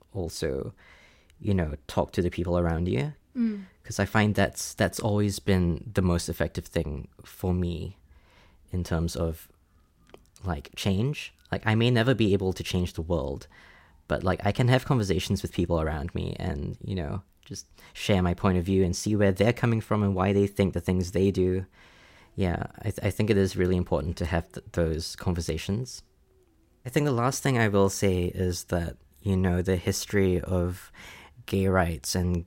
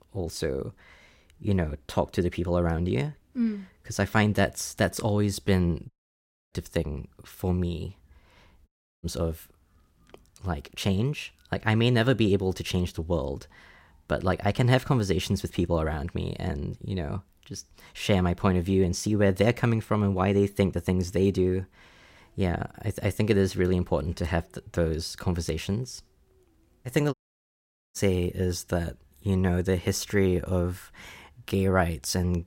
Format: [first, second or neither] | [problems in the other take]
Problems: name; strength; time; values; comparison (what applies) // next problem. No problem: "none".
first | audio cutting out; at 6 s for 0.5 s, at 8.5 s and at 27 s for 1 s